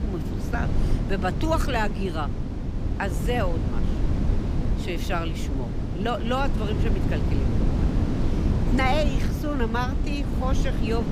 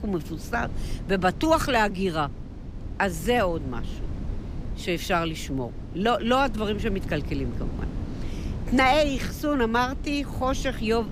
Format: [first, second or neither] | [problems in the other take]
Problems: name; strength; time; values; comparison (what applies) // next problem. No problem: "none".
second | wind noise on the microphone; heavy; 6 dB below the speech; occasional gusts in the second